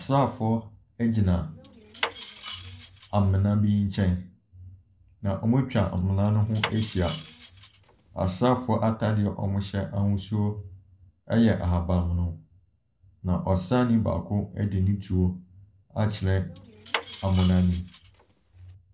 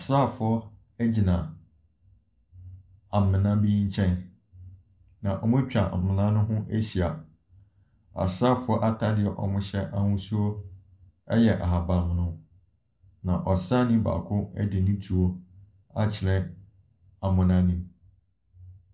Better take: second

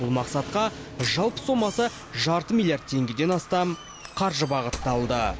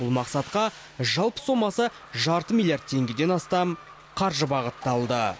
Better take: second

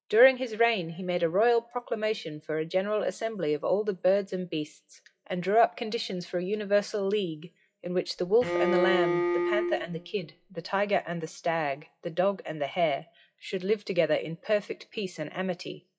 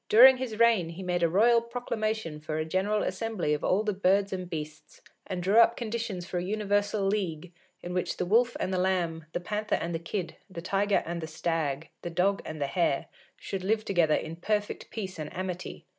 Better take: second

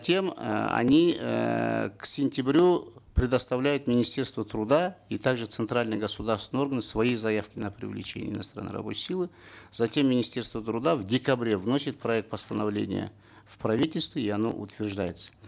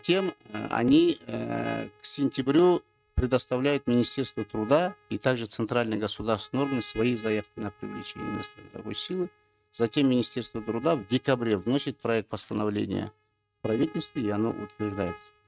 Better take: first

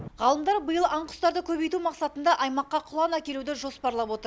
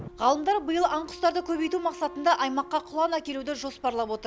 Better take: first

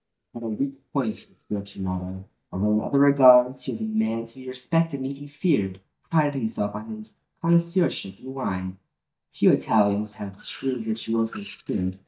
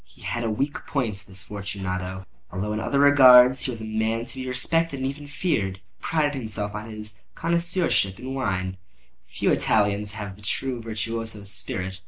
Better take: second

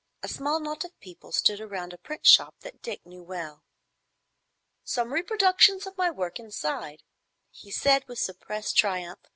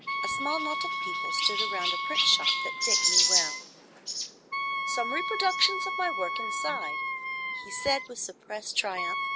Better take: first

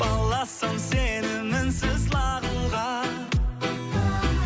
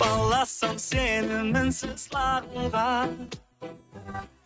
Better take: first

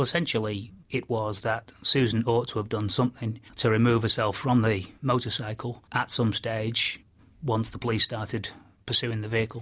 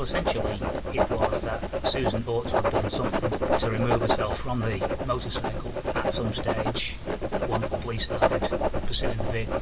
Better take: first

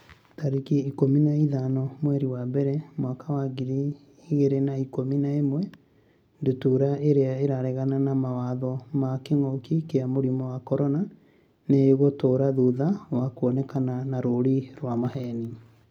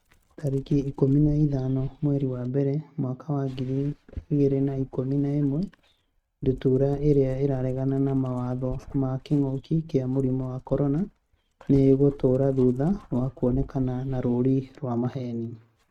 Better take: first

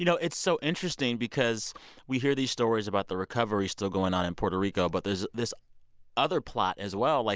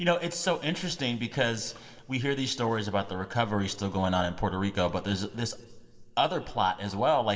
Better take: first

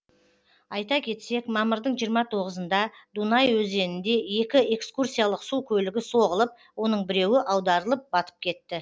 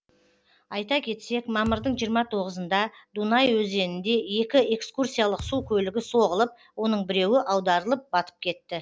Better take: first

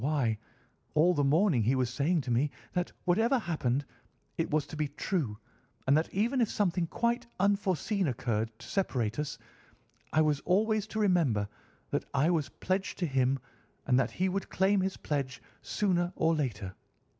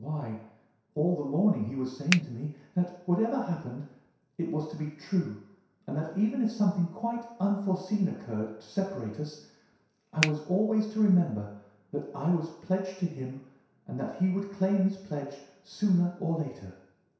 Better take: first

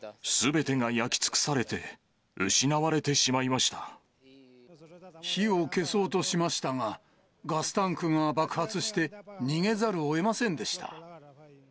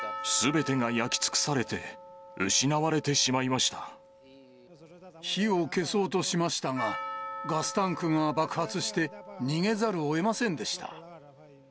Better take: first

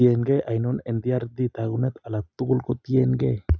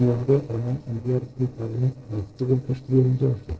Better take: first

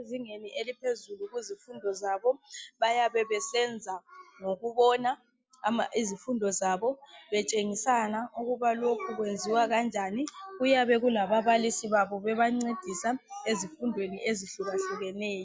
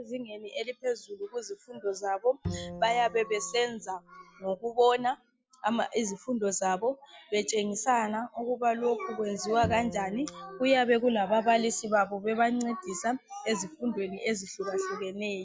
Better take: first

